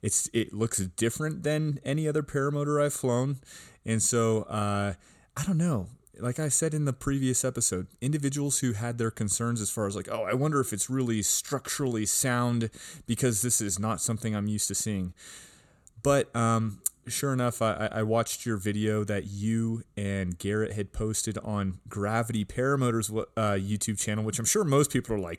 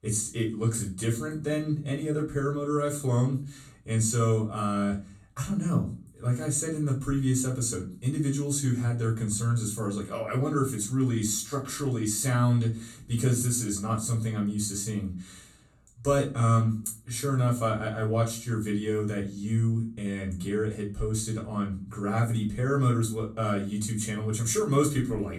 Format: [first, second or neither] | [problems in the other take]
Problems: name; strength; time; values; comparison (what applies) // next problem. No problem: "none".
first | off-mic speech; far // room echo; slight; dies away in 0.3 s